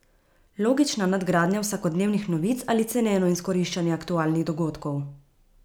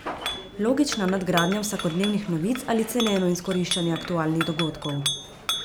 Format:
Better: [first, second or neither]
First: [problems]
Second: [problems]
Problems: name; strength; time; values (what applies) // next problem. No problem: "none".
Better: first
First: none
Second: background sound (Chink, clink); 8 dB below the speech